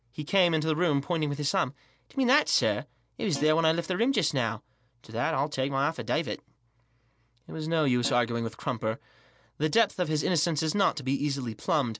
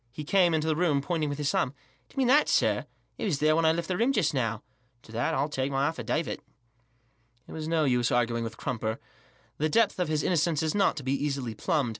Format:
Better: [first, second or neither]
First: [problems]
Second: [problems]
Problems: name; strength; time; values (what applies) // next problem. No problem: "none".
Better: second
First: background sound (Guitar); 14 dB below the speech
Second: none